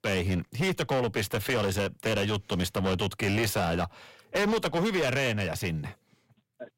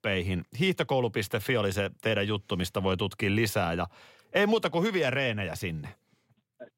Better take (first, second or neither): second